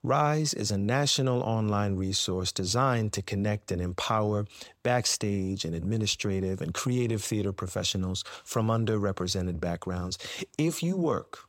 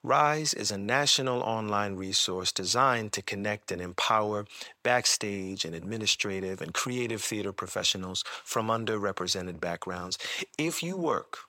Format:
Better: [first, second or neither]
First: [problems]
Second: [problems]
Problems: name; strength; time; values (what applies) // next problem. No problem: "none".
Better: first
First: none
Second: thin; somewhat; fading below 450 Hz